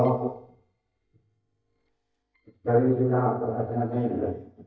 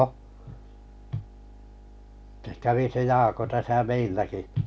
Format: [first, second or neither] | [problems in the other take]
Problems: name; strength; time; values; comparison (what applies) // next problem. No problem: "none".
second | noise reduction (neural mask model DeepFilterNet 3)